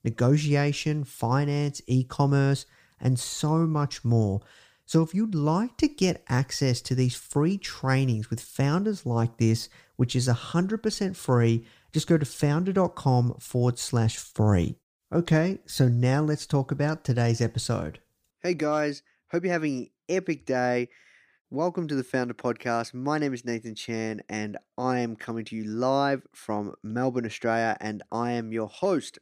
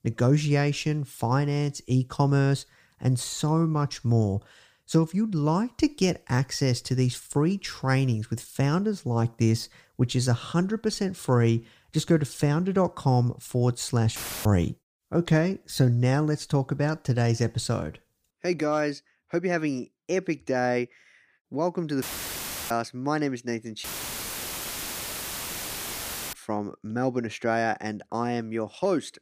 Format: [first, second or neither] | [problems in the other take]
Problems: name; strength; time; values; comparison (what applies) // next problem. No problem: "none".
first | audio cutting out; filled with static; at 14 s, at 22 s for 0.5 s and at 24 s for 2.5 s